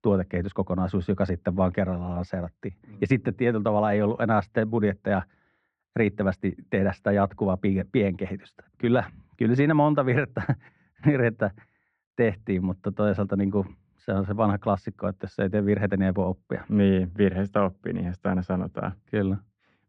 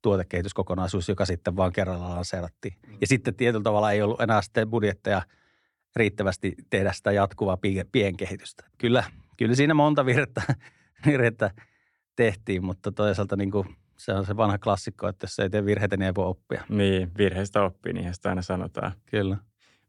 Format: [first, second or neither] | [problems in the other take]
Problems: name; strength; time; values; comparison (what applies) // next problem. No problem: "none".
second | muffled; very; fading above 2 kHz